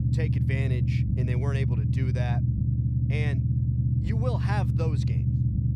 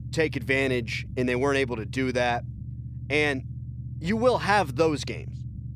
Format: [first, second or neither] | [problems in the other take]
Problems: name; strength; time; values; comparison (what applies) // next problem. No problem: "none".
second | low rumble; loud; throughout; as loud as the speech; faint in the second